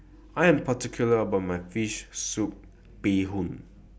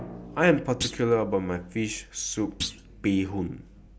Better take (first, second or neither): first